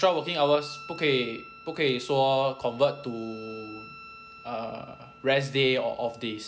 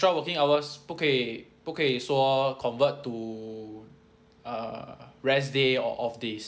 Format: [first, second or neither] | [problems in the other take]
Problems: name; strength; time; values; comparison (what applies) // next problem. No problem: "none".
second | background sound (Wind instrument, woodwind instrument); 19 dB below the speech